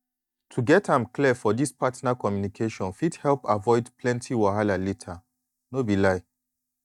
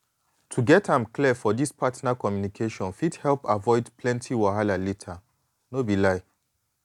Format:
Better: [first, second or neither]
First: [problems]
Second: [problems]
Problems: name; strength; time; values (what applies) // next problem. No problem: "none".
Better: second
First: noise reduction (neural mask model DeepFilterNet 3)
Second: none